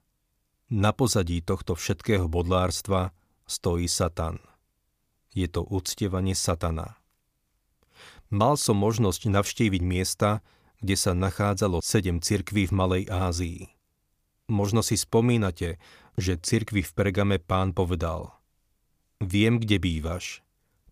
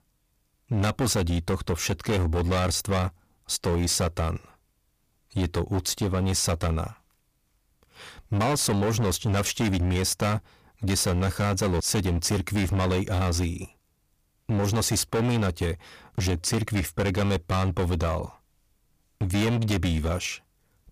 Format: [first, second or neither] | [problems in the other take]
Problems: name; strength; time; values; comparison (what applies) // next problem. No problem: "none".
first | distortion; heavy; 20% of the sound clipped